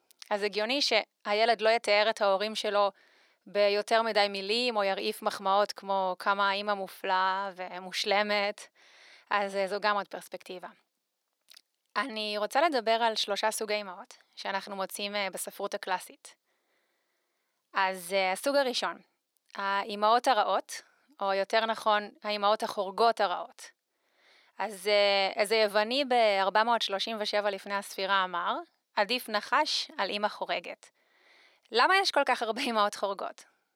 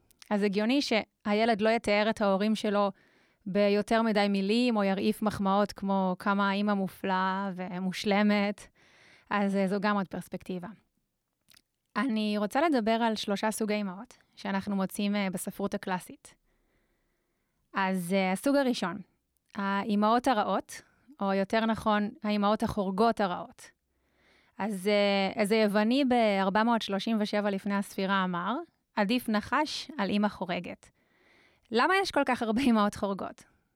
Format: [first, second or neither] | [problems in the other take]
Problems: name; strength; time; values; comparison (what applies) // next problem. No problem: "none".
second | thin; very; fading below 550 Hz